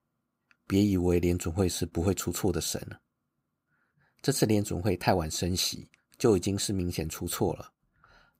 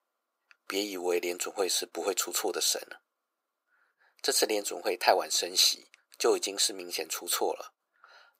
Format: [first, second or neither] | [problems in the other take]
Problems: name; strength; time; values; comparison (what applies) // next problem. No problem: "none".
first | thin; very; fading below 450 Hz